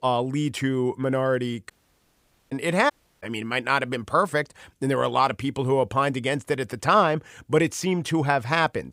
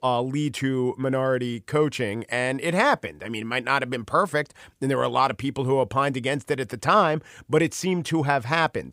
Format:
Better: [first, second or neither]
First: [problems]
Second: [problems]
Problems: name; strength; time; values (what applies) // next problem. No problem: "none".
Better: second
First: audio cutting out; at 1.5 s for 1 s and at 3 s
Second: none